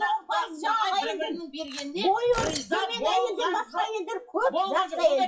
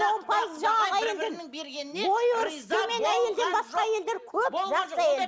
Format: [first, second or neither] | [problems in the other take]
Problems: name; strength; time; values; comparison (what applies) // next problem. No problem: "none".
second | noise reduction (classical method WPE with log-MMSE)